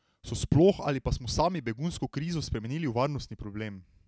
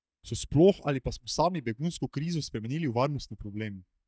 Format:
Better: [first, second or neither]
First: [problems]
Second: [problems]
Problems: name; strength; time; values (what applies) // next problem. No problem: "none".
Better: first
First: none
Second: noise reduction (neural mask model DeepFilterNet 3)